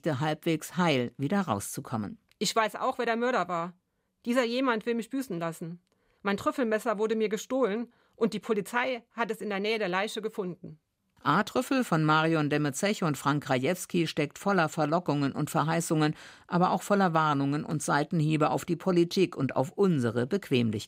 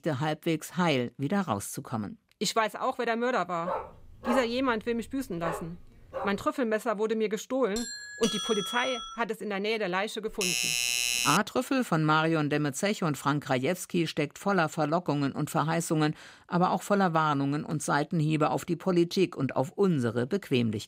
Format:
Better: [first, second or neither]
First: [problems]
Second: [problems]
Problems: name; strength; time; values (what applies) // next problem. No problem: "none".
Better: first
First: none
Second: dog barking; noticeable; from 3.5 to 6.5 s; peak 5 dB below the speech // doorbell; noticeable; from 8 to 9 s; peak 2 dB below the speech // doorbell; loud; from 10 to 11 s; peak 4 dB above the speech